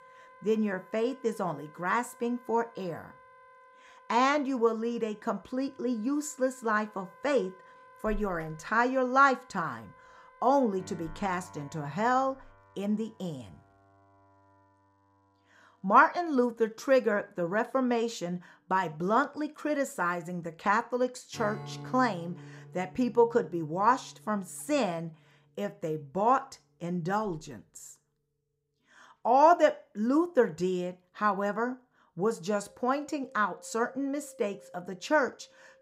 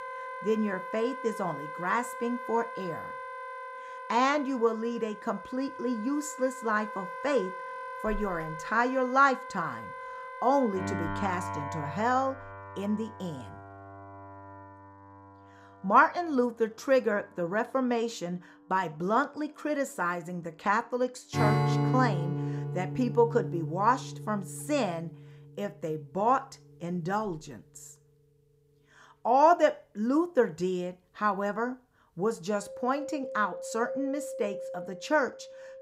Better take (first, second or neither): first